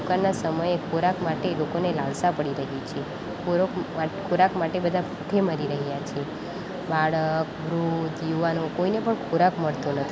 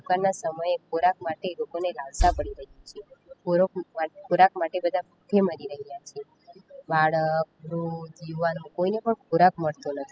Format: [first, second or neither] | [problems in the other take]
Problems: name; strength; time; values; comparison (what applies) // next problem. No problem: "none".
first | noise reduction (classical method spectral subtraction)